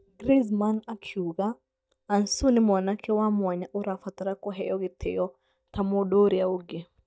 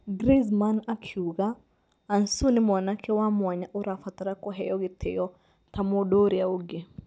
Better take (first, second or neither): second